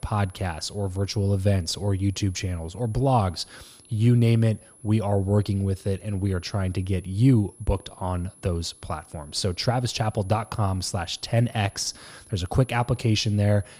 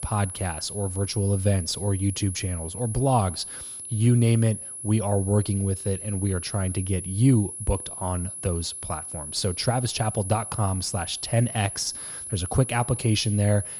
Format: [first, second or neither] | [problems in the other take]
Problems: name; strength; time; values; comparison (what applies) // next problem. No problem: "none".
first | high-pitched whine; loud; throughout; 10.5 kHz, 8 dB below the speech; faint in the first